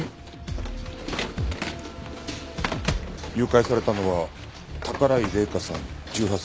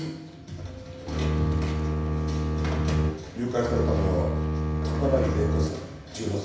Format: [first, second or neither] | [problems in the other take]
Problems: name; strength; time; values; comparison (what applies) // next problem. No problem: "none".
first | background sound (Bowed string instrument); 4 dB above the speech // room echo; dies away in 0.9 s